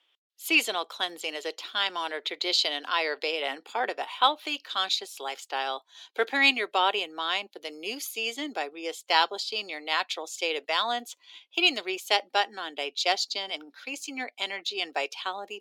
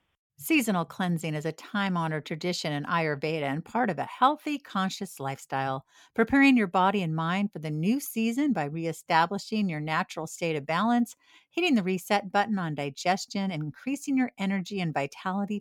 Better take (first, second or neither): second